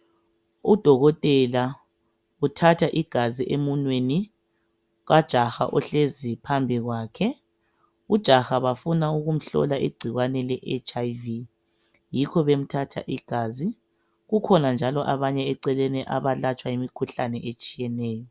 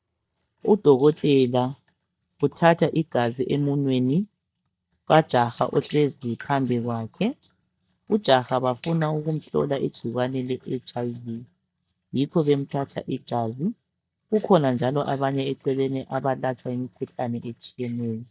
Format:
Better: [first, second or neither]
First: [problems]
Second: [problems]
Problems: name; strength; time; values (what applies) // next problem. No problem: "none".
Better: first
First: none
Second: noise reduction (neural mask model DeepFilterNet 3)